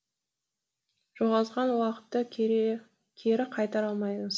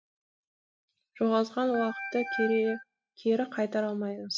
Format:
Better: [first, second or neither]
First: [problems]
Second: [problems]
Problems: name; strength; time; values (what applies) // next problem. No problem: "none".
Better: first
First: none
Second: noise reduction (classical method spectral subtraction)